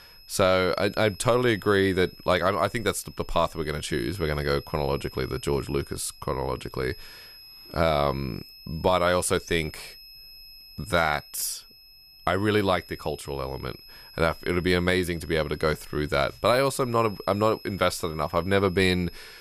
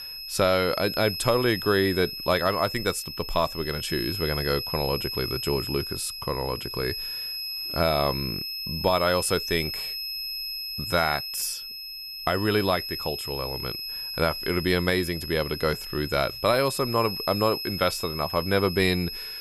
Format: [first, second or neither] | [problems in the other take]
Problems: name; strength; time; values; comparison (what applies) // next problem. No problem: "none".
first | high-pitched whine; loud; throughout; 5 kHz, 5 dB below the speech; faint in the first